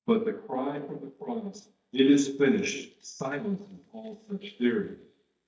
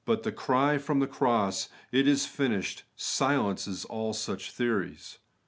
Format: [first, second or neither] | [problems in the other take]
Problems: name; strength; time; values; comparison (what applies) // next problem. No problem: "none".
second | noise reduction (neural mask model DeepFilterNet 3)